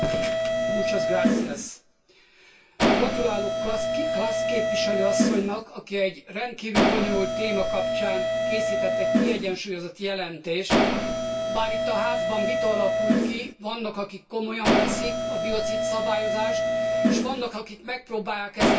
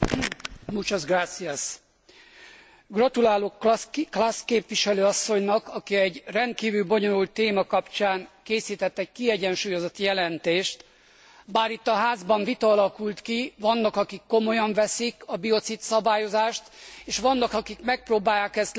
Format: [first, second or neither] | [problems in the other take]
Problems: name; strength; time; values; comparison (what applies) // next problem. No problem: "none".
second | background sound (Mechanisms); 5 dB above the speech // room echo; dies away in 0.2 s